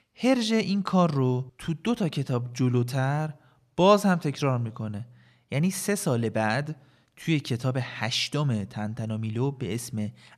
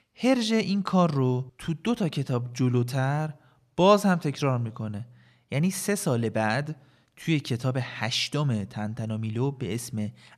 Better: neither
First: none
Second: none

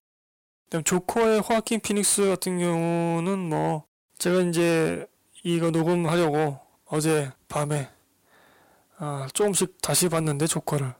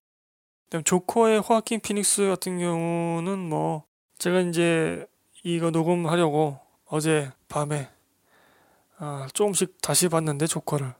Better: second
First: distortion; slight; 7% of the sound clipped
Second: none

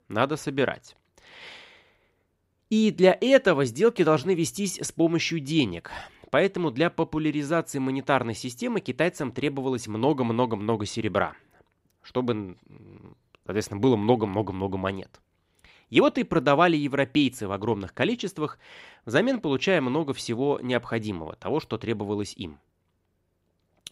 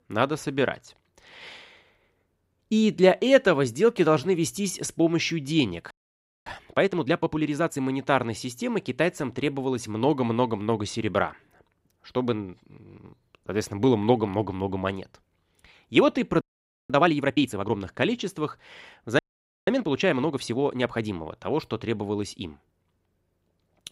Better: first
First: none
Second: audio freezing; at 6 s for 0.5 s, at 16 s and at 19 s

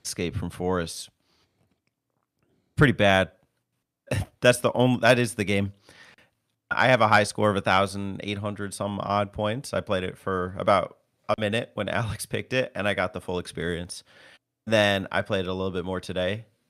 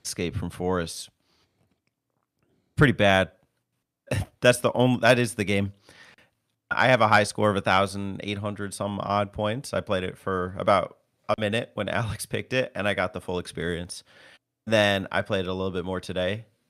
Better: neither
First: none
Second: none

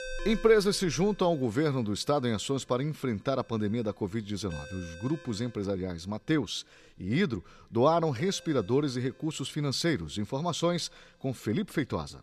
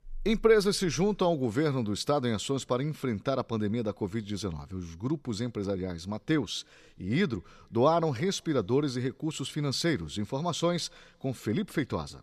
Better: second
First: alarms or sirens; noticeable; throughout; 20 dB below the speech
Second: none

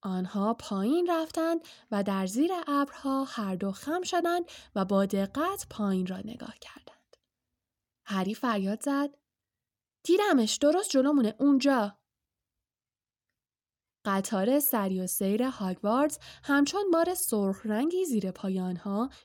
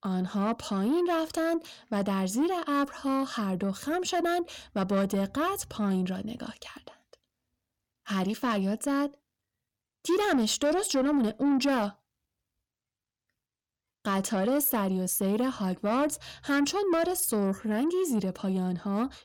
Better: first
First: none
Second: distortion; slight; 10 dB below the speech

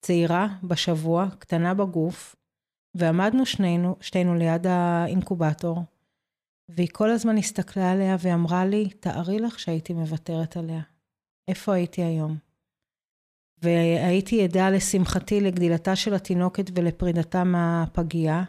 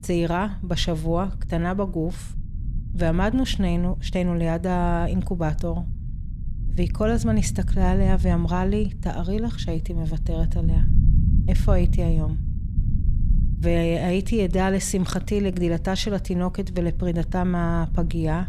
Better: first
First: none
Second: low rumble; noticeable; throughout; 15 dB below the speech

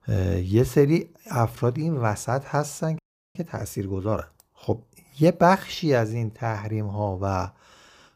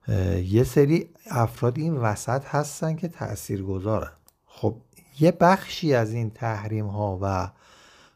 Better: second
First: audio freezing; at 3 s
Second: none

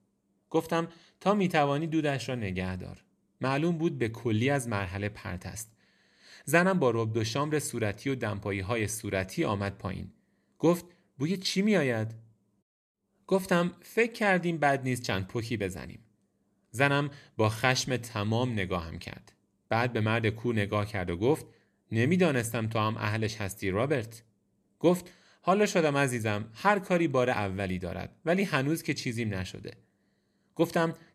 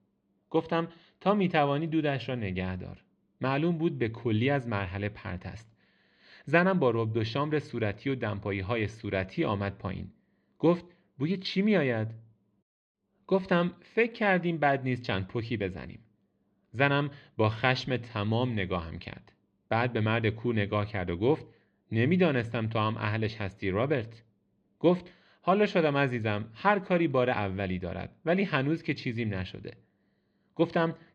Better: first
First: none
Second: muffled; slightly; fading above 3.5 kHz

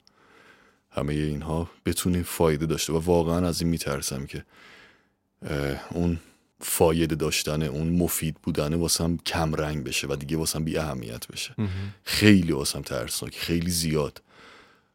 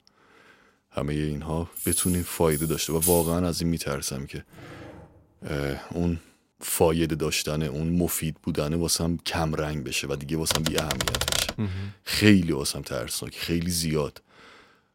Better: first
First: none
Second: jangling keys; loud; from 2 to 3.5 s; peak 2 dB above the speech // dog barking; faint; from 4.5 to 5.5 s; peak 15 dB below the speech // keyboard typing; loud; from 11 to 12 s; peak 2 dB above the speech

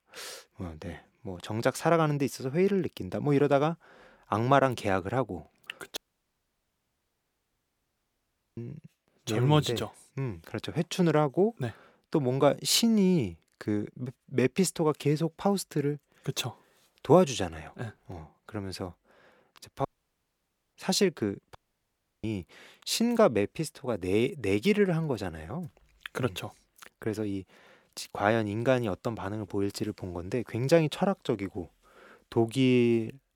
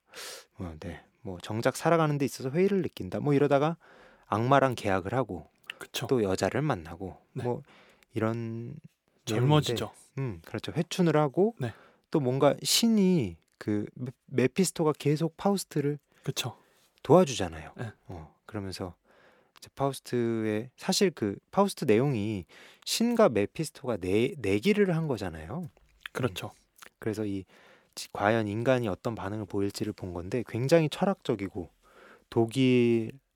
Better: second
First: audio cutting out; at 6 s for 2.5 s, at 20 s for 1 s and at 22 s for 0.5 s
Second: none

